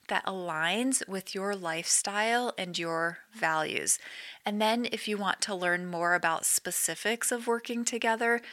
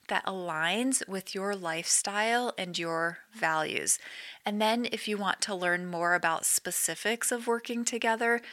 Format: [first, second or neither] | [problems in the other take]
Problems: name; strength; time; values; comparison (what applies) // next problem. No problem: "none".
neither | thin; somewhat; fading below 800 Hz; the same in both